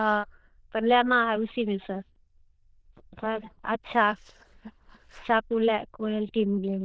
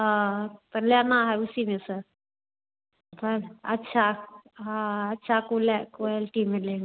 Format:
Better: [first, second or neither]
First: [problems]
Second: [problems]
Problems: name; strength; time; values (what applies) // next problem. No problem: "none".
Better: second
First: noise reduction (neural diffusion model UNIVERSE++)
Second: none